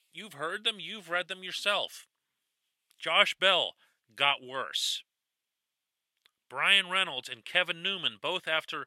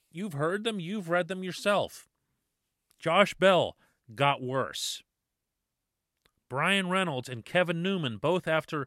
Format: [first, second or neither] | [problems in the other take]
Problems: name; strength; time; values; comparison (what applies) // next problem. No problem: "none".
second | thin; somewhat; fading below 1 kHz